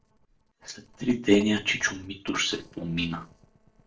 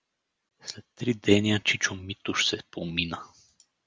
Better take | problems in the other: second | noise reduction (neural separator model SepFormer DNS4)

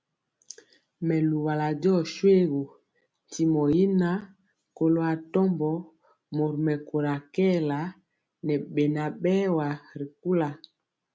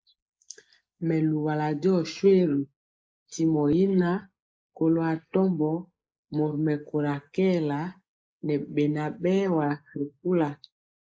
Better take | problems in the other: first | noise reduction (neural mask model Resemble Enhance denoiser)

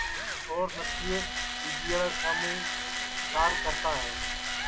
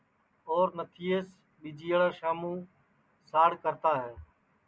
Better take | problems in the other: second | background sound (Bird + Tools); 2 dB above the speech

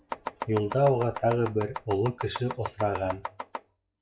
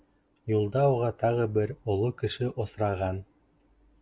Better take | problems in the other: second | noise reduction (classical method WPE with log-MMSE)

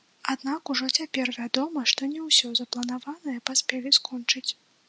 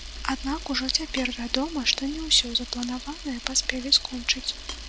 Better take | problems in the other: first | background sound (Camera); 11 dB below the speech

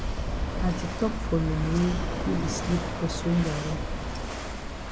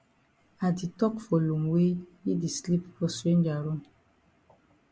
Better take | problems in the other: second | background sound (Walk, footsteps / Waves, surf / Wind); as loud as the speech

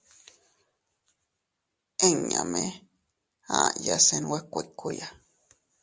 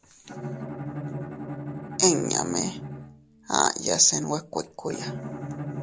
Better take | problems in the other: first | background sound (Bowed string instrument); 9 dB below the speech

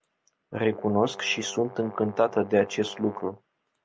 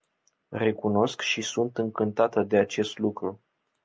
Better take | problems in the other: second | background sound (Brass instrument); 17 dB below the speech

